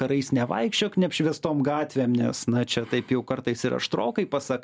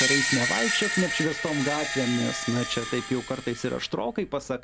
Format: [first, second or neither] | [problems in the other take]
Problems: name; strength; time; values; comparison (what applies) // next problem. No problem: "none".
first | background sound (Screech); 2 dB below the speech